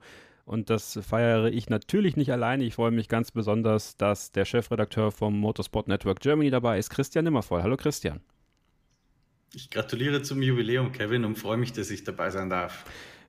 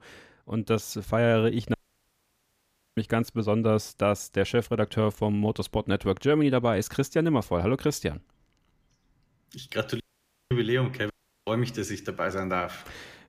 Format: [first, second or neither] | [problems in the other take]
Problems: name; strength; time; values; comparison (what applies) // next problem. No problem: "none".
first | audio cutting out; at 1.5 s for 1 s, at 10 s for 0.5 s and at 11 s